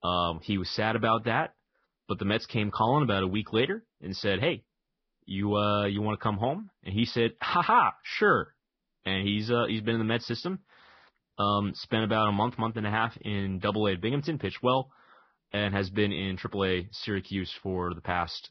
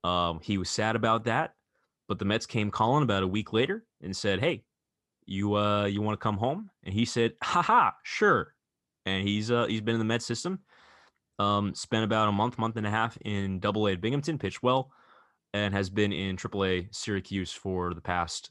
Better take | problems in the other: second | garbled, watery; badly; nothing above 5.5 kHz

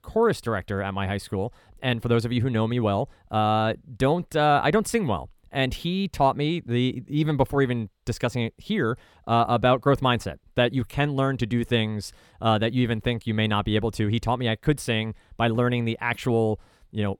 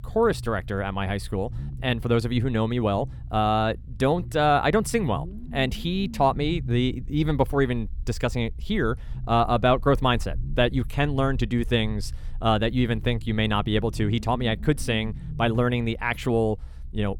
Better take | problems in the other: first | low rumble; faint; throughout; 25 dB below the speech

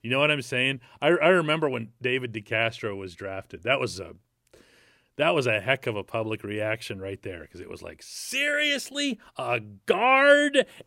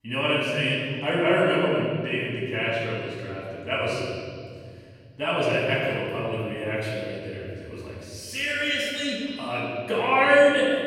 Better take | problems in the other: first | off-mic speech; far // room echo; strong; dies away in 2.5 s

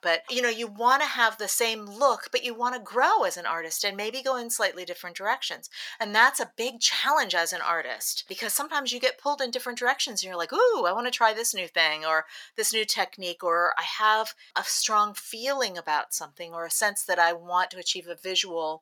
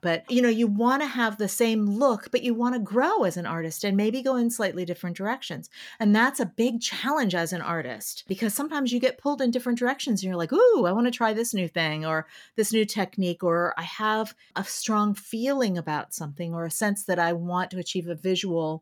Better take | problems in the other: second | thin; very; fading below 800 Hz

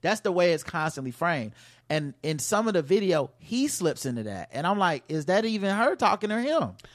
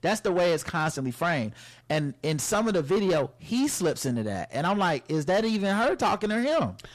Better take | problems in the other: first | distortion; slight; 10 dB below the speech

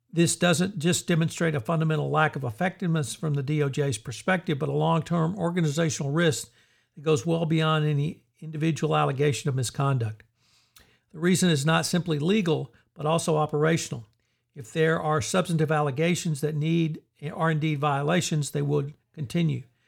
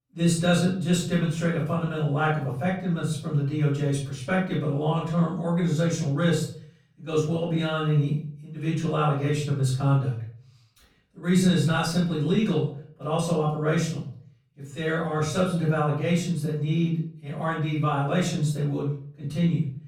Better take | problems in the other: first | off-mic speech; far // room echo; noticeable; dies away in 0.5 s

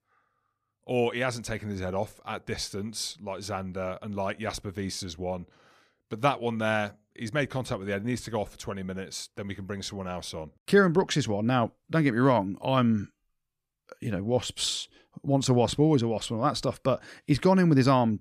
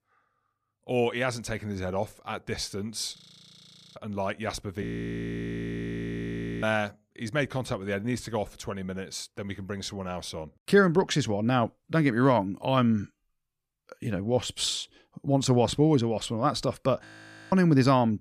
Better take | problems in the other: first | audio freezing; at 3 s for 1 s, at 5 s for 2 s and at 17 s

